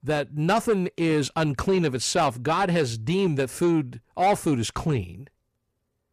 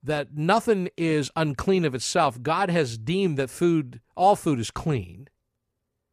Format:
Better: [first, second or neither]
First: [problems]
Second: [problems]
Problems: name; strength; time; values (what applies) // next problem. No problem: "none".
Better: second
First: distortion; slight; 10 dB below the speech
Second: none